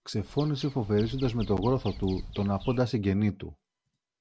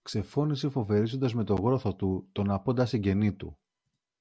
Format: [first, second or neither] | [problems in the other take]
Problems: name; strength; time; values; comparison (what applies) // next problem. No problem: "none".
second | background sound (Bird vocalization, bird call, bird song); 13 dB below the speech